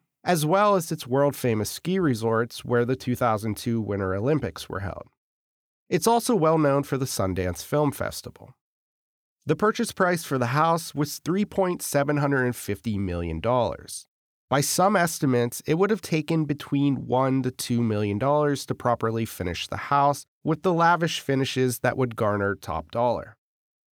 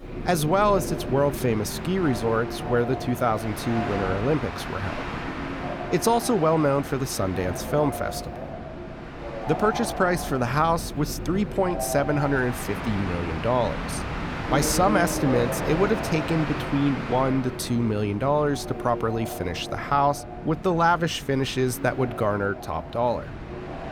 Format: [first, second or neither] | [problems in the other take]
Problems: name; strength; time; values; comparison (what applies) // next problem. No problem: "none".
first | train or aircraft noise; loud; throughout; 7 dB below the speech